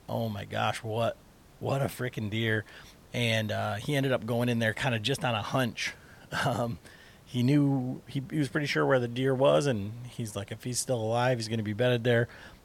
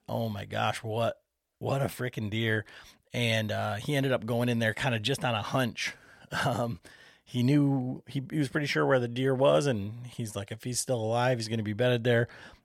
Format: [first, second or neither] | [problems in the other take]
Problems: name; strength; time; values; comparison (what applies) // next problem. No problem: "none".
second | hiss; faint; throughout; 25 dB below the speech